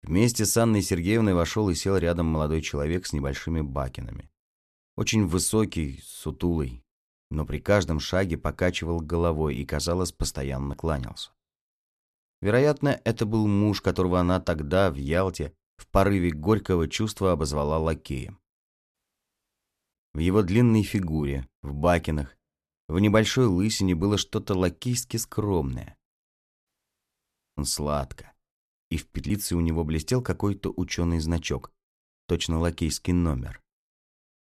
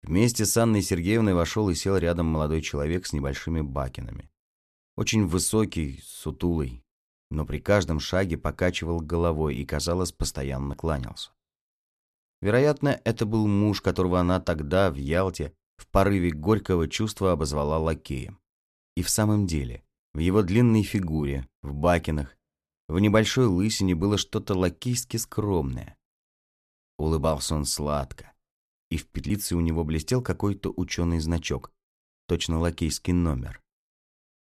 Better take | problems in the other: second | audio cutting out; at 19 s for 1 s and at 27 s for 1 s

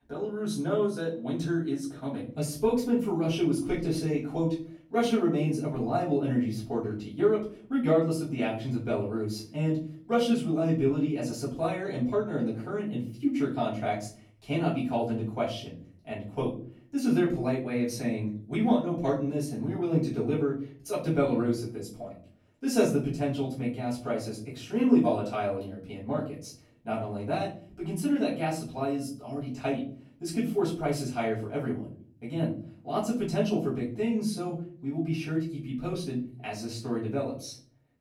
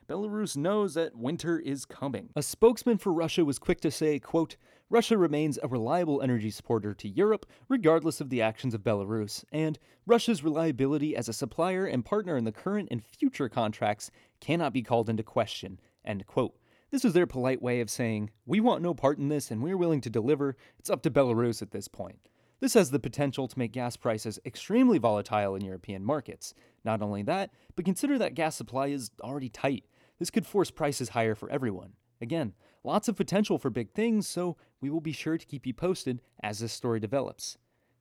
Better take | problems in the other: second | room echo; slight; dies away in 0.5 s // off-mic speech; far

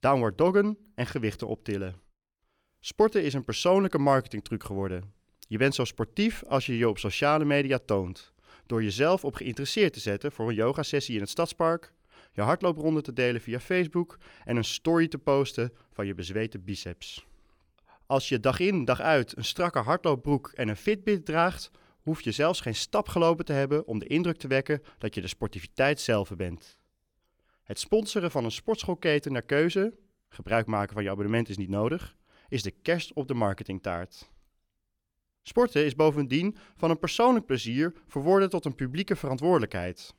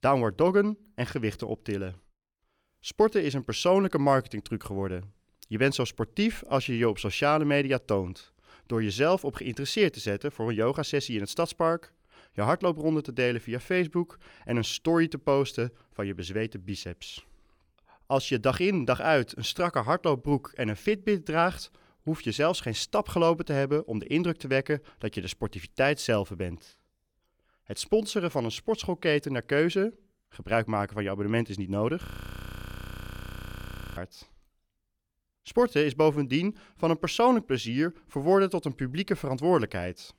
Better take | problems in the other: first | audio freezing; at 32 s for 2 s

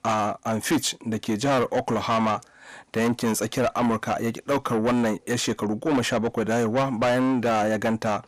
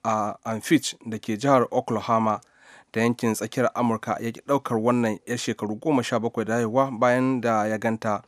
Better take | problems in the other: second | distortion; heavy; 7 dB below the speech

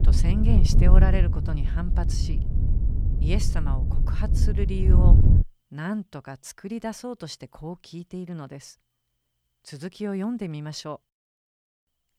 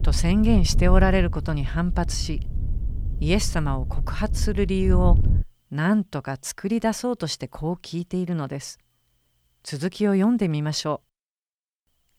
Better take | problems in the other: second | wind noise on the microphone; heavy; until 5.5 s; 2 dB below the speech; occasional gusts in the second

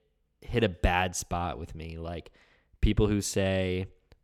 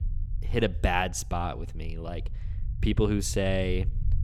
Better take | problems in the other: first | low rumble; faint; throughout; 25 dB below the speech

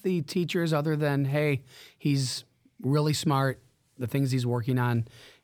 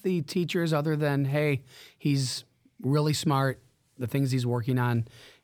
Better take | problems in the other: neither | none

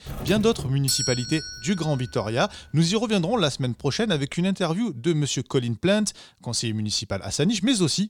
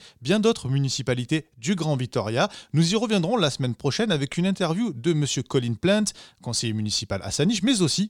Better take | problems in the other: second | doorbell; loud; until 1.5 s; peak level with the speech

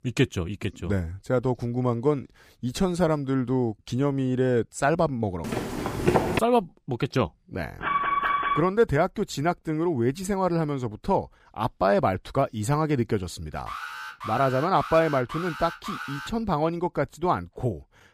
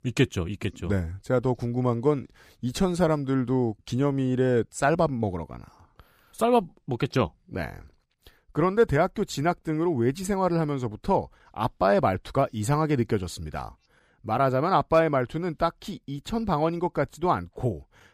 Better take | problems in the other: second | footsteps; loud; at 5.5 s; peak 3 dB above the speech // alarm; loud; at 8 s; peak 2 dB above the speech // alarm; noticeable; from 14 to 16 s; peak 8 dB below the speech

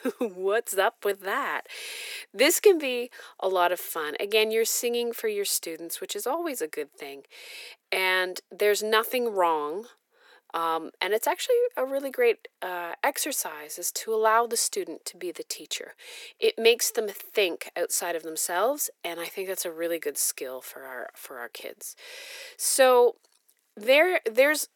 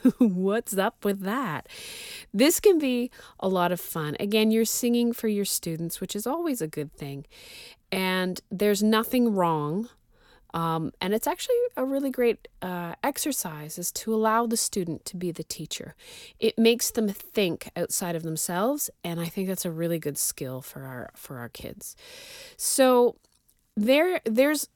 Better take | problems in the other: second | thin; very; fading below 400 Hz

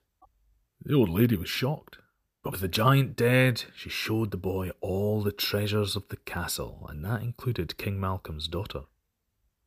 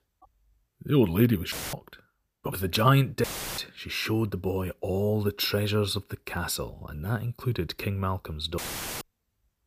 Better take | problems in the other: first | audio cutting out; filled with static; at 1.5 s, at 3 s and at 8.5 s

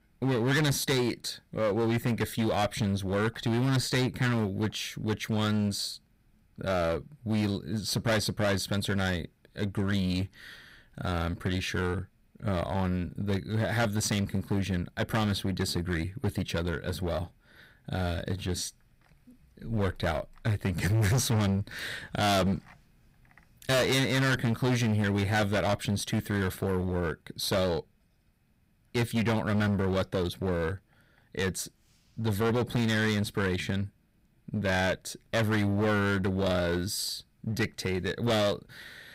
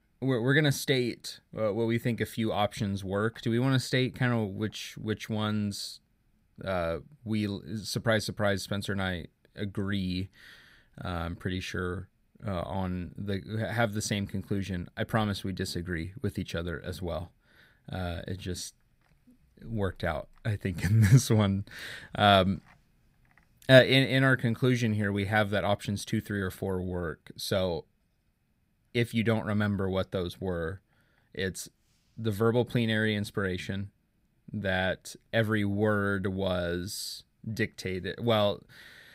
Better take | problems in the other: second | distortion; heavy; 14% of the sound clipped

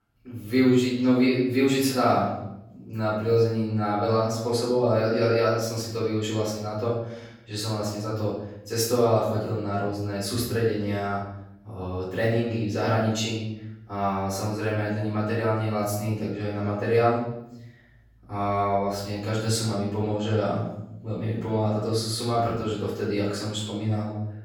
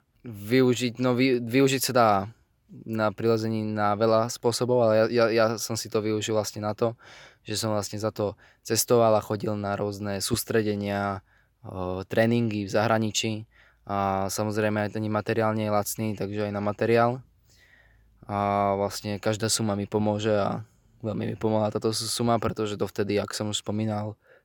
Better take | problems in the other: second | off-mic speech; far // room echo; noticeable; dies away in 0.8 s

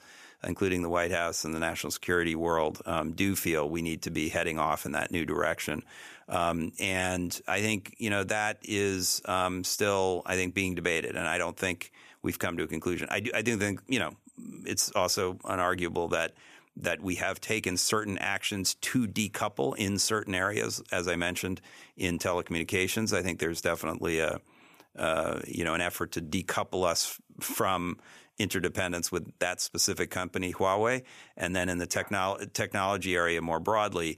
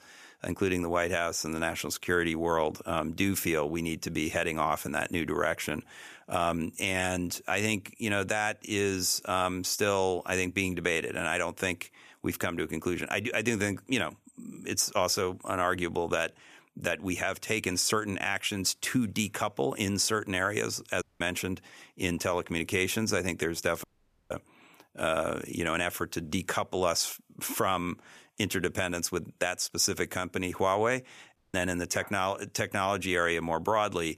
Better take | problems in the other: first | audio cutting out; at 21 s, at 24 s and at 31 s

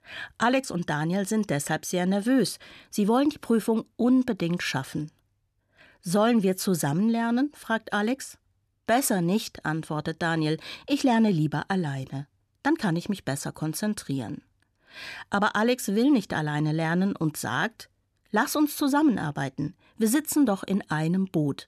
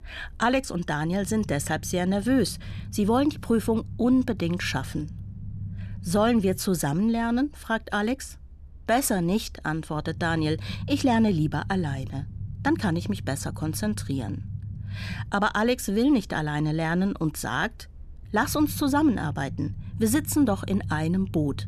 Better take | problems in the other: first | low rumble; faint; throughout; 20 dB below the speech

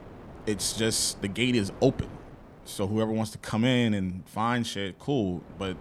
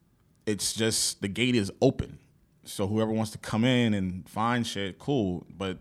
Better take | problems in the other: second | wind noise on the microphone; occasional gusts; 20 dB below the speech

